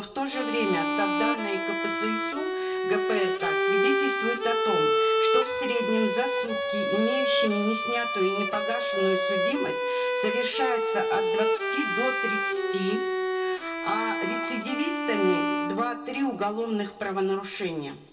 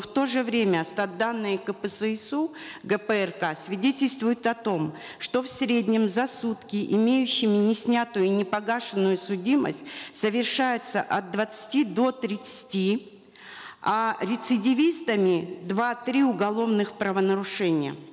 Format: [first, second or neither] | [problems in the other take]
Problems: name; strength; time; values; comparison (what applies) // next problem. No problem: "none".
second | background sound (Bowed string instrument); 3 dB above the speech // room echo; dies away in 0.2 s